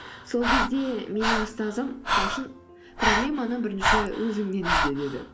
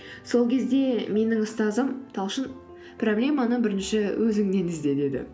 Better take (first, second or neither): second